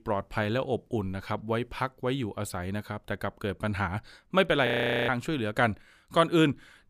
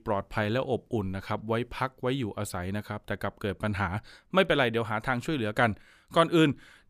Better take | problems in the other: second | audio freezing; at 4.5 s

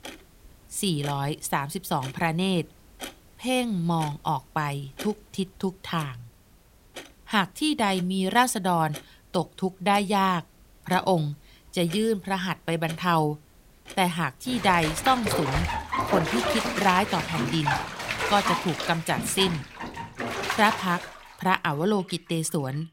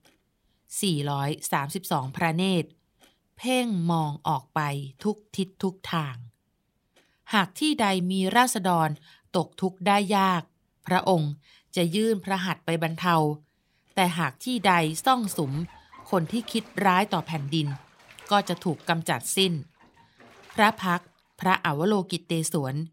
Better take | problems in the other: second | household noises; loud; throughout; 5 dB below the speech; faint in the second

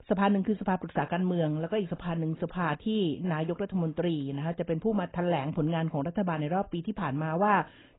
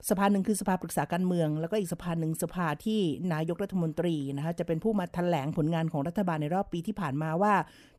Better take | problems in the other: second | garbled, watery; badly; nothing above 3.5 kHz

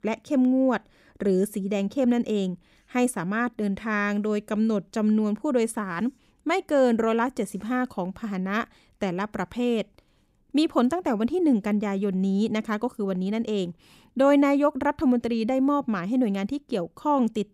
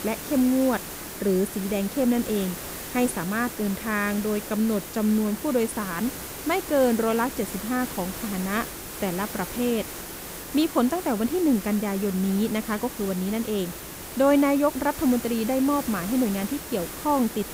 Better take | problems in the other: first | hiss; loud; throughout; 9 dB below the speech

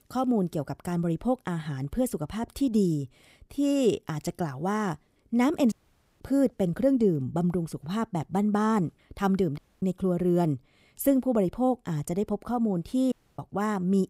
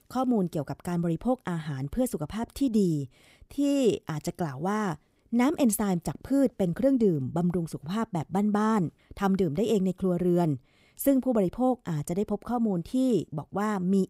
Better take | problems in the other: second | audio cutting out; at 5.5 s, at 9.5 s and at 13 s

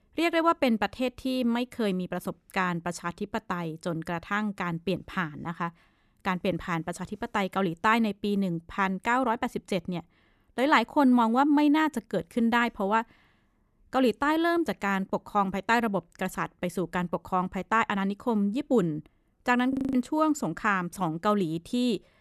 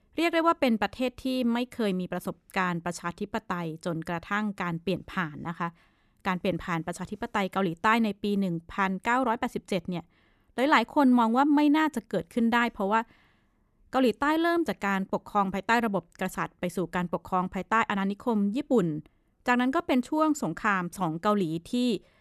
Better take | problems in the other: second | audio freezing; at 20 s

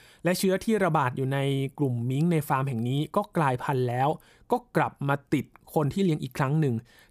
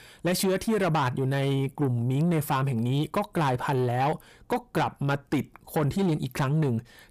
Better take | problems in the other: first | distortion; slight; 10 dB below the speech

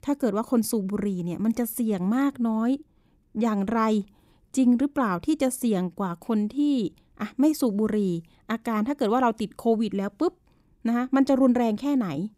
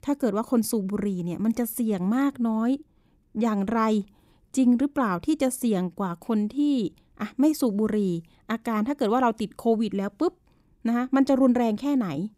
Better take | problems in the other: neither | none

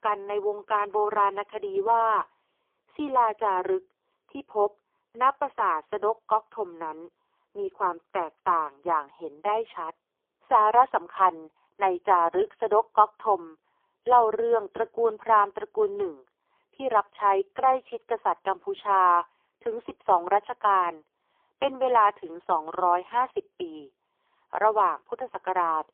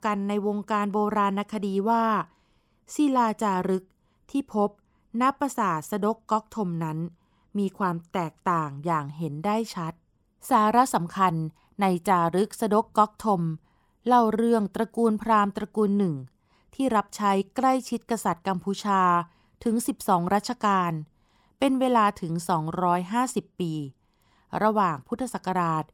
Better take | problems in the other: second | phone-call audio; poor line; nothing above 3.5 kHz

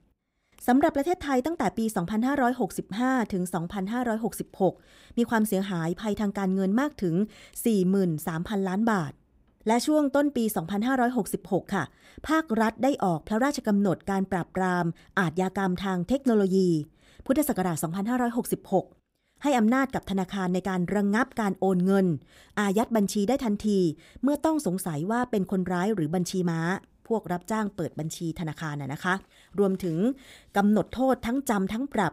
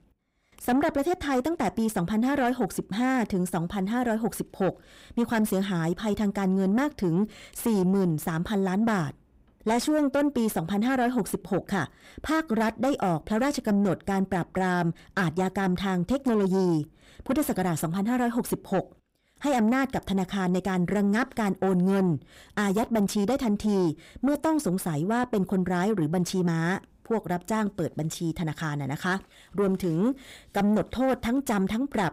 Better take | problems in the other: first | distortion; slight; 10 dB below the speech

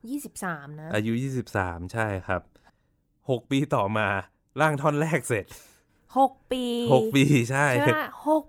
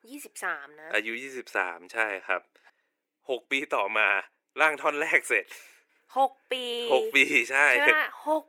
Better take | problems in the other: first | thin; very; fading below 350 Hz

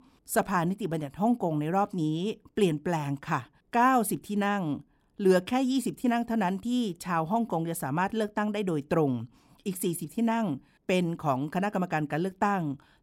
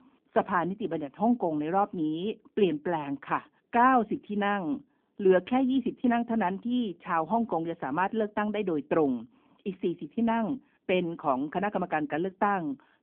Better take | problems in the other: first | phone-call audio; nothing above 3.5 kHz

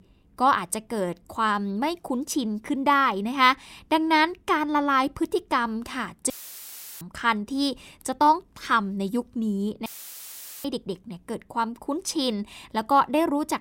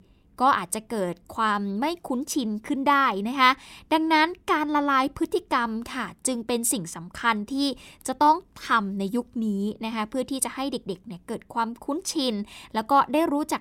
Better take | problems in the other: second | audio cutting out; filled with static; at 6.5 s for 0.5 s and at 10 s for 1 s

